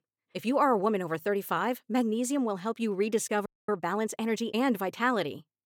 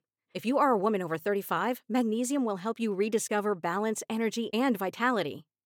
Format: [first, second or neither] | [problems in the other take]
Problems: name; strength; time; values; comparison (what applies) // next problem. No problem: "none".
second | audio freezing; at 3.5 s